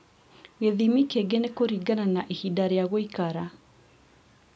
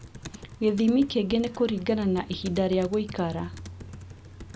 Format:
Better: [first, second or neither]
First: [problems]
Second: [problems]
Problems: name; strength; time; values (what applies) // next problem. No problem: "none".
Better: first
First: none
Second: background sound (Computer keyboard); 15 dB below the speech